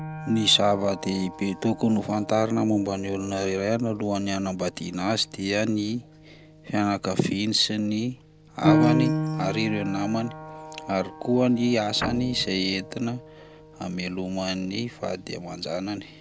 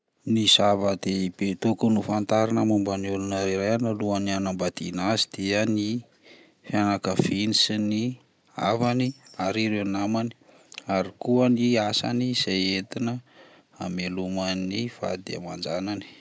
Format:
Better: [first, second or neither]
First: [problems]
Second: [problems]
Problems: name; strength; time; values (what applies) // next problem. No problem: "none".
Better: second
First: background sound (Guitar + Piano); 6 dB below the speech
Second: none